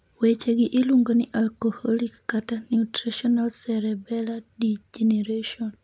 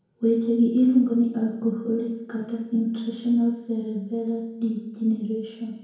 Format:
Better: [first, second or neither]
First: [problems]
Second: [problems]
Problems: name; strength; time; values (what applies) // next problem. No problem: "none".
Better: first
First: none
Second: room echo; dies away in 0.9 s